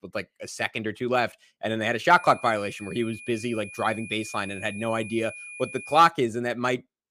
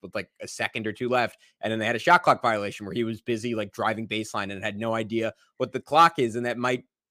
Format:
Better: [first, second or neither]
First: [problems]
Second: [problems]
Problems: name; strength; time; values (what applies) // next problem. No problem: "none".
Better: second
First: high-pitched whine; noticeable; from 2 to 6 s; 2.5 kHz, 15 dB below the speech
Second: none